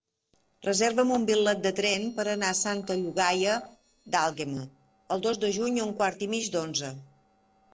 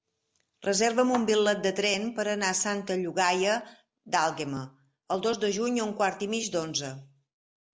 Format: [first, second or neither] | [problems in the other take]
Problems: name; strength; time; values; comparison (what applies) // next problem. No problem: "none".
second | noise reduction (neural separator model SepFormer DNS4)